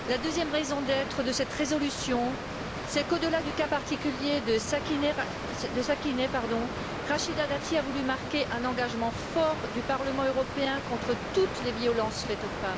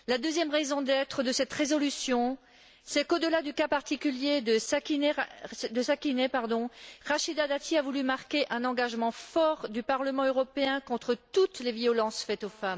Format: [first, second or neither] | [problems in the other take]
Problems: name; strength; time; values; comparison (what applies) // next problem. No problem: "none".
second | background sound (Water); 5 dB below the speech